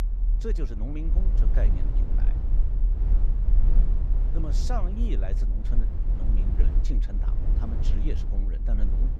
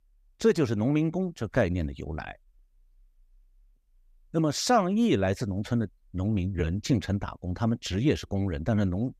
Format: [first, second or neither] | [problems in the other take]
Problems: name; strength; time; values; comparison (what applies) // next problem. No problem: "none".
second | low rumble; loud; throughout; 4 dB below the speech